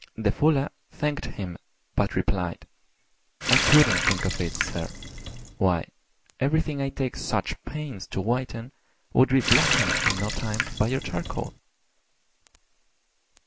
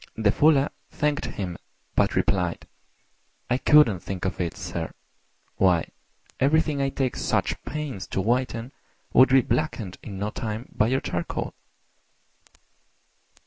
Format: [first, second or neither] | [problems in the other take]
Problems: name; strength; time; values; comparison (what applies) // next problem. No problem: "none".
second | background sound (Water tap, faucet); as loud as the speech